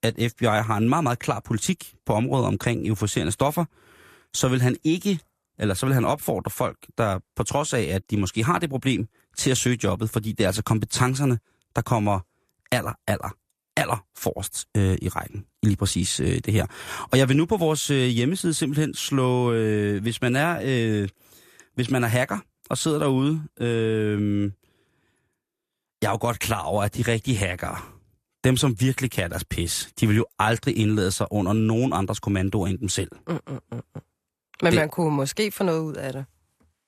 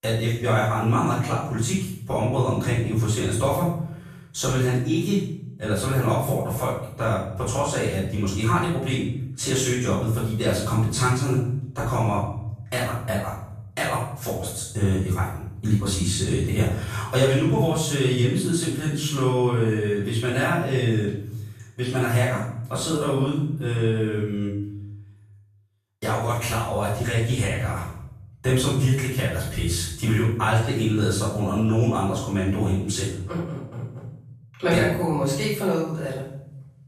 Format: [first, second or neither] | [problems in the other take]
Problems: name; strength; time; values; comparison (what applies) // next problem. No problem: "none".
first | off-mic speech; far // room echo; noticeable; dies away in 0.7 s